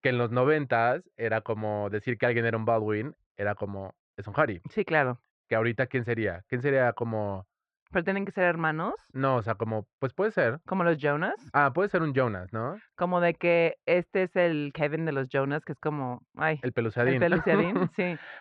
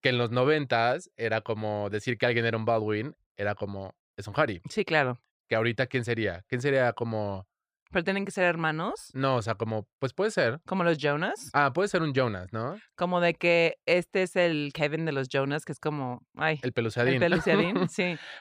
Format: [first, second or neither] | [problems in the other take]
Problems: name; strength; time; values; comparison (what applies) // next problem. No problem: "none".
second | muffled; very; fading above 2 kHz